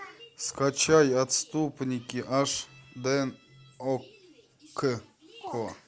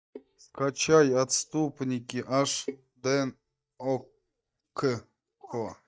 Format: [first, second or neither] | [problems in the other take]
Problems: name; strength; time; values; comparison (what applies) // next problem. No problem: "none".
first | noise reduction (neural mask model DeepFilterNet 3)